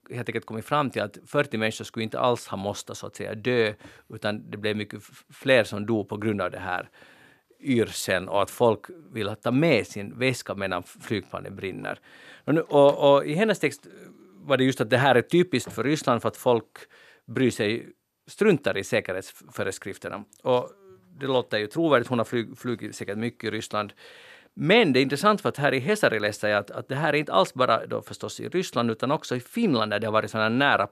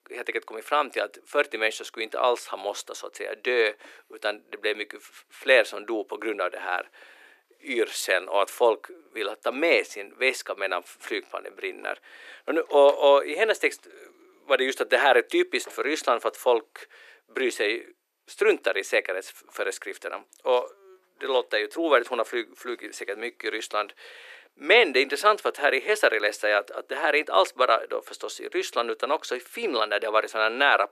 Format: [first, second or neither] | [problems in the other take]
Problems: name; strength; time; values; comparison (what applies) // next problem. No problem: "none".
first | thin; very; fading below 350 Hz